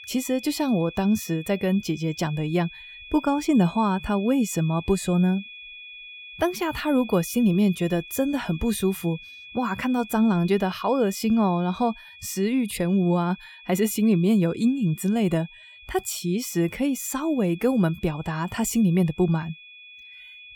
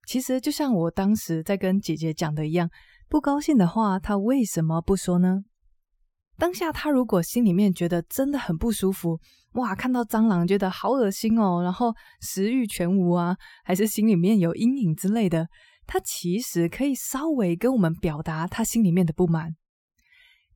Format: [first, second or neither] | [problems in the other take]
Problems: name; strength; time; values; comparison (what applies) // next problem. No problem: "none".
second | high-pitched whine; noticeable; throughout; 2.5 kHz, 20 dB below the speech